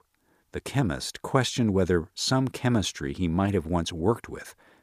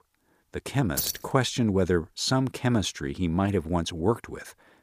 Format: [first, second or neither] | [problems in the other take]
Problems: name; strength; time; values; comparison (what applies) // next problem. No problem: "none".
first | jangling keys; noticeable; at 1 s; peak 3 dB below the speech